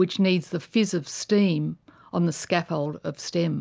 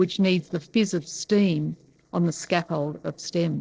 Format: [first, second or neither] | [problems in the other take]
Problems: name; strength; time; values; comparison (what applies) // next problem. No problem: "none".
first | noise reduction (neural separator model SepFormer DNS4)